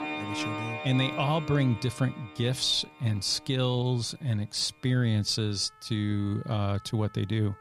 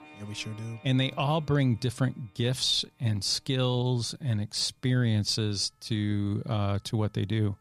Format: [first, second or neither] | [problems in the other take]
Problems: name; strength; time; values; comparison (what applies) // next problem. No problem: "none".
second | background music; loud; throughout; 9 dB below the speech; faint in the second